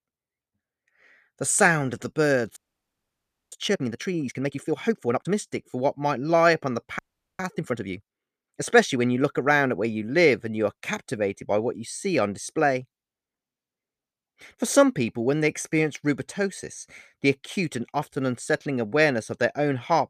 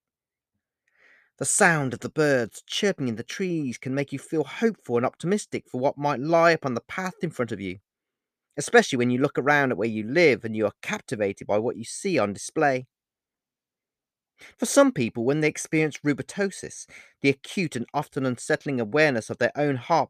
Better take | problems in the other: second | audio freezing; at 2.5 s for 1 s and at 7 s

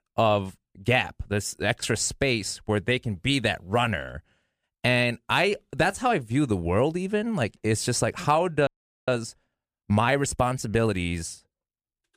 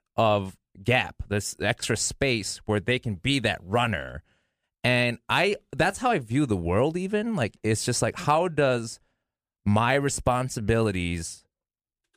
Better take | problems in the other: second | audio freezing; at 8.5 s

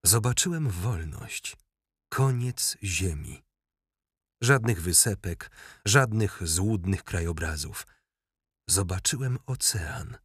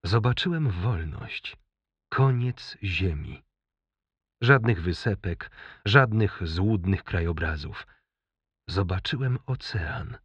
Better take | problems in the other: first | muffled; very; fading above 4 kHz

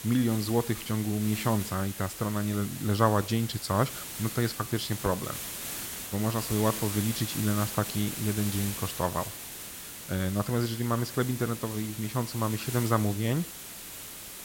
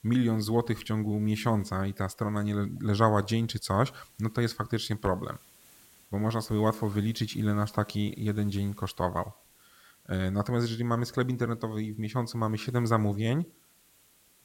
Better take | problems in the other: second | hiss; loud; throughout; 7 dB below the speech; faint in the second

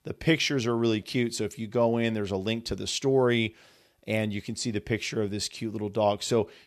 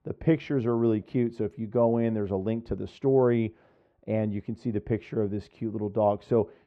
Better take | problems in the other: first | muffled; very; fading above 2.5 kHz

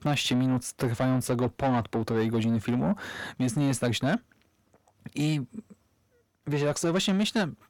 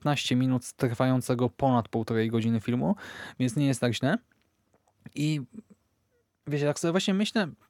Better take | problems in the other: second | distortion; slight; 10 dB below the speech

